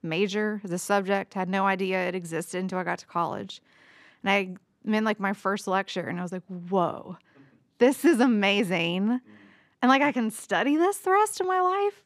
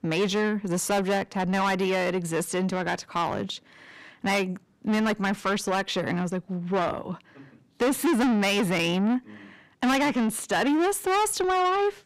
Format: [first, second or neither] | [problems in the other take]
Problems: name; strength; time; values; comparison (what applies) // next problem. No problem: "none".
first | distortion; heavy; 6 dB below the speech